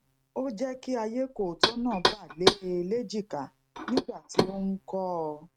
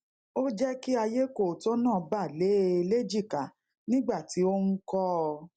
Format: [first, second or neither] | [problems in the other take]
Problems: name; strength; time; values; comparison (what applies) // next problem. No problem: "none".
second | noise reduction (neural mask model RNNoise)